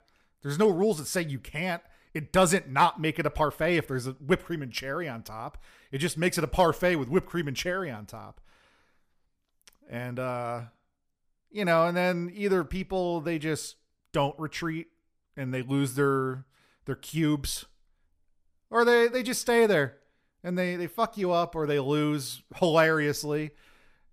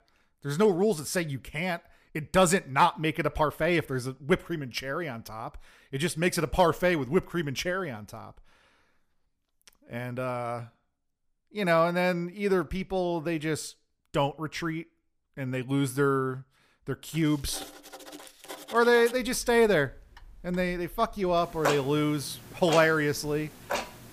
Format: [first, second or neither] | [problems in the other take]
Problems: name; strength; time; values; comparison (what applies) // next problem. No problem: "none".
first | household noises; loud; from 17 s on; 10 dB below the speech